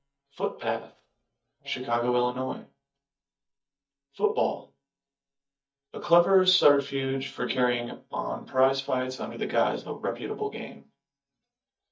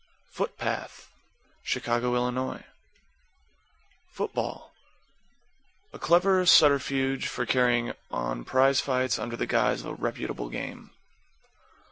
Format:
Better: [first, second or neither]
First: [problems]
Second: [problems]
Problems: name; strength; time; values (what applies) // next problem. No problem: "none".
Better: second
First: noise reduction (neural mask model DeepFilterNet 3)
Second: none